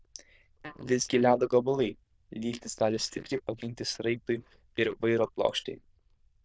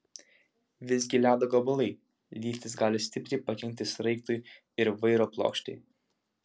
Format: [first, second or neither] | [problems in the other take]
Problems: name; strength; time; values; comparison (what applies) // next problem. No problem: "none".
second | noise reduction (neural diffusion model UNIVERSE++)